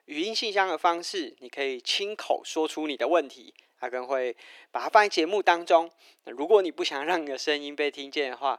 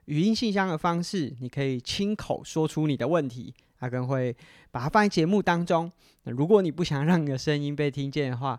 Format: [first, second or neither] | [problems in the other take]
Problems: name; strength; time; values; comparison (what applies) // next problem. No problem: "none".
second | thin; very; fading below 350 Hz